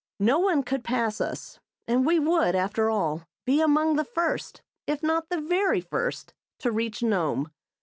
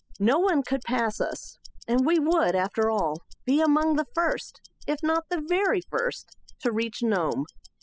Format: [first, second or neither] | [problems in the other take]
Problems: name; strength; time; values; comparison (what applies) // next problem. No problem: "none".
first | noise reduction (classical method spectral subtraction)